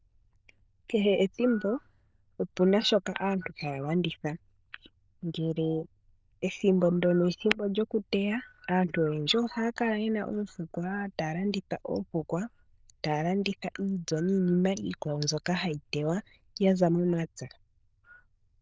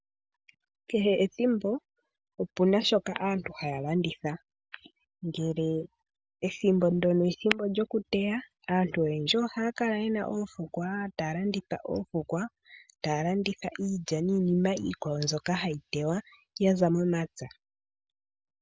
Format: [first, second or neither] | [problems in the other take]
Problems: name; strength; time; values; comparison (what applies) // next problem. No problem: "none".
second | noise reduction (neural diffusion model UNIVERSE++)